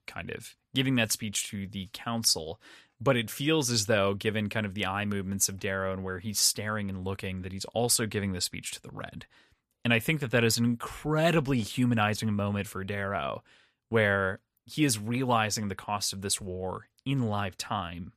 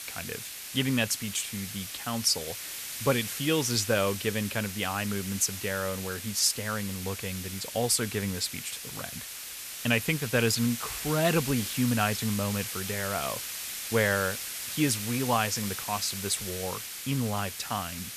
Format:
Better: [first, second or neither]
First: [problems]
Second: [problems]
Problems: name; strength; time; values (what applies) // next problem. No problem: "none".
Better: first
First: none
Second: hiss; loud; throughout; 6 dB below the speech